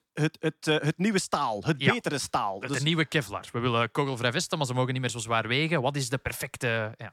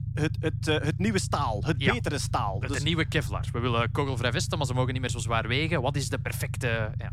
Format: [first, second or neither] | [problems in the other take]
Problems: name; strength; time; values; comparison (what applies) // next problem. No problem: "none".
first | low rumble; noticeable; throughout; 15 dB below the speech